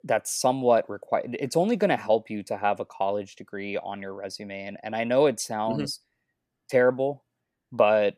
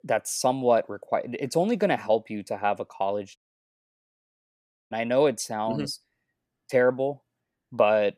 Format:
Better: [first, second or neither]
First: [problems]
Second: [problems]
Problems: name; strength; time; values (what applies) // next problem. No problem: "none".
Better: first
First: none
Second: audio cutting out; at 3.5 s for 1.5 s